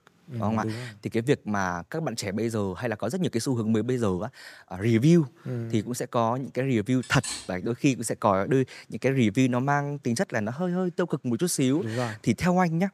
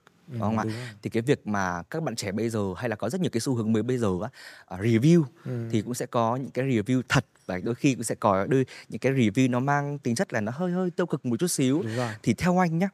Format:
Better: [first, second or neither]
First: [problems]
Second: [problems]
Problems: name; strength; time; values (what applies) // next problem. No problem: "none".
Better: second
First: clattering dishes; noticeable; at 7 s; peak 7 dB below the speech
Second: none